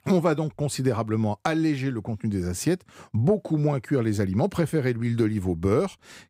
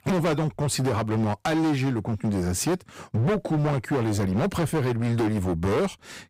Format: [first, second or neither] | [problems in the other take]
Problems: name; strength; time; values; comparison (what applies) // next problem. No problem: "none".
first | distortion; heavy; 25% of the sound clipped